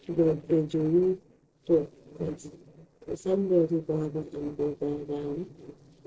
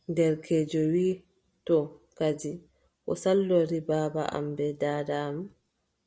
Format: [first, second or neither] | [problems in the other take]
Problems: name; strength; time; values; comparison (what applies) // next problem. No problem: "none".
second | noise reduction (neural separator model SepFormer DNS4)